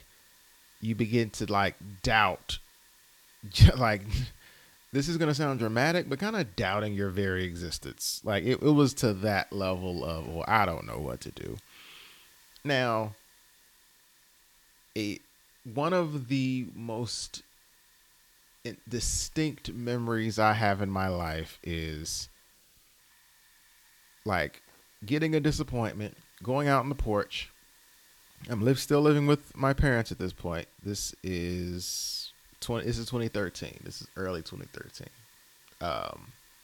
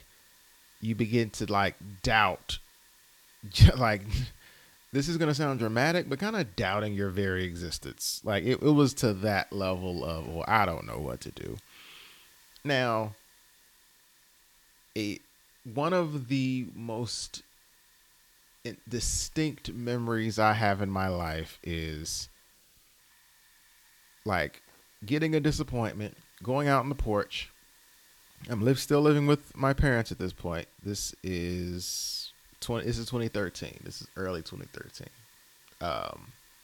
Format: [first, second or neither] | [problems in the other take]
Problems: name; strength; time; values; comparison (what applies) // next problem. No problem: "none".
neither | hiss; faint; throughout; 30 dB below the speech; the same in both